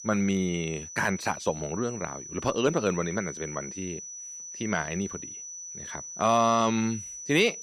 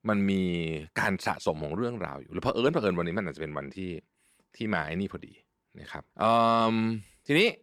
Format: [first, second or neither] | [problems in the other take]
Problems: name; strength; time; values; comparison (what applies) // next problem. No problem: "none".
second | high-pitched whine; loud; throughout; 6 kHz, 10 dB below the speech